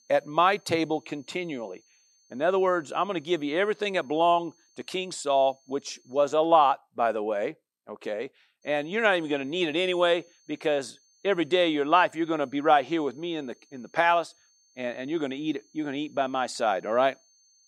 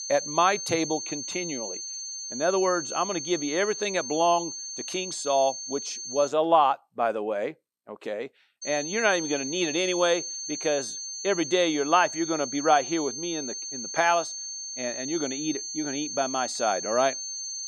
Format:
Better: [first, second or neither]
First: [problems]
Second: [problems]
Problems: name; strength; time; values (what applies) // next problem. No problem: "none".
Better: first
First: high-pitched whine; faint; until 6.5 s and from 8.5 s on; 6.5 kHz, 35 dB below the speech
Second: high-pitched whine; loud; until 6.5 s and from 8.5 s on; 6.5 kHz, 6 dB below the speech